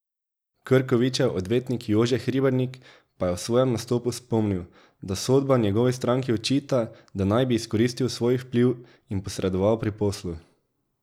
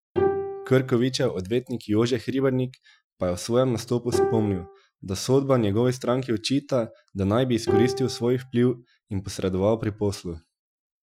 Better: first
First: none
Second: noise reduction (classical method Wiener filter)

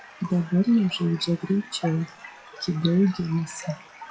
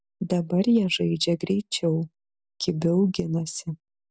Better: second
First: noise reduction (classical method WPE with log-MMSE)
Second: none

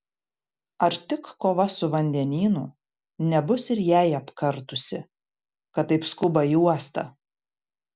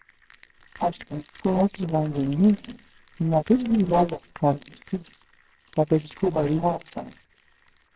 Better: first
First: none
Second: noise reduction (neural separator model SepFormer WHAMR!)

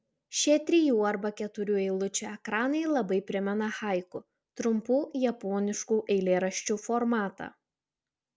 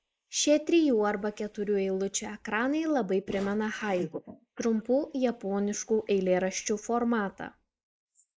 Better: first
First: none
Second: noise reduction (neural mask model Resemble Enhance denoiser)

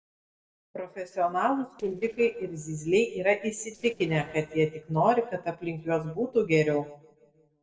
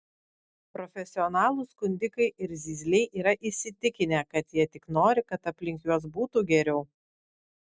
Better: second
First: noise reduction (neural separator model SepFormer DNS4)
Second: none

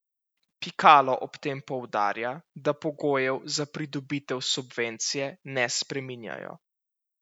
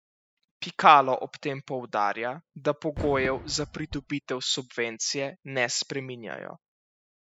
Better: first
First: none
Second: noise reduction (classical method spectral subtraction)

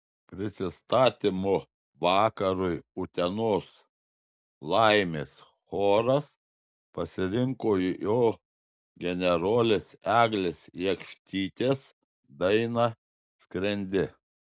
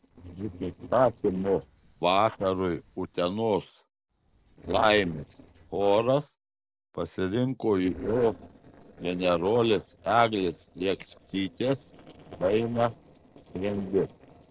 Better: first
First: none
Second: noise reduction (neural separator model SepFormer DNS4)

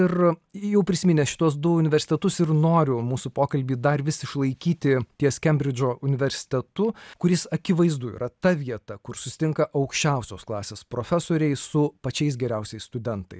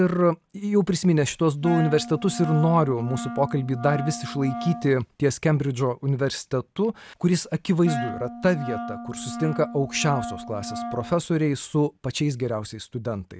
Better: first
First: none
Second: background sound (Wind instrument, woodwind instrument); 9 dB below the speech

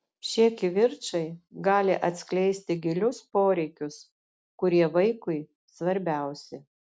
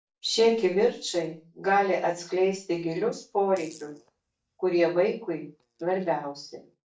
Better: first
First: none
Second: noise reduction (neural mask model DeepFilterNet 3)

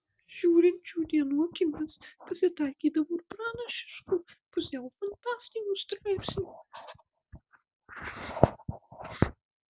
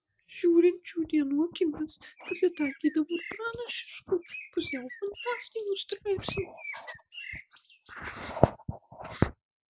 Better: first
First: none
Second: background sound (Bird); 14 dB below the speech

